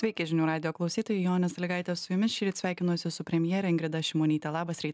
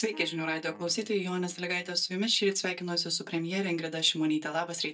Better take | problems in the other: first | noise reduction (neural mask model DeepFilterNet 3)

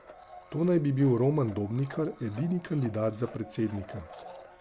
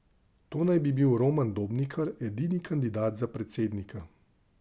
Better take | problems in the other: second | background sound (Domestic sounds, home sounds); 19 dB below the speech

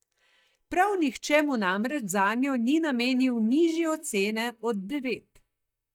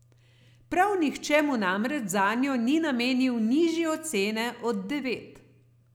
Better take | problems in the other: second | noise reduction (neural mask model DeepFilterNet 3)

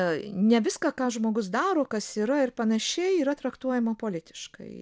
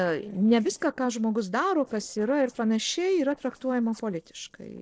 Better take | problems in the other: first | noise reduction (neural separator model SepFormer DNS4)

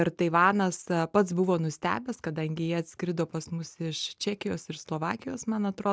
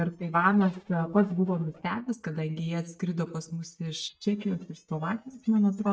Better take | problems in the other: first | noise reduction (neural mask model DeepFilterNet 3)

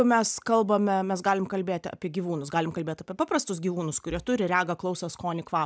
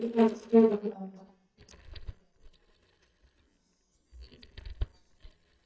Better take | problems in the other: first | noise reduction (neural mask model DeepFilterNet 3)

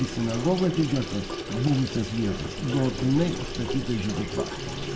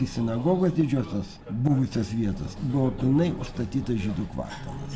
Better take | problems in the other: second | background sound (Sink (filling or washing) / Water tap, faucet); 7 dB below the speech

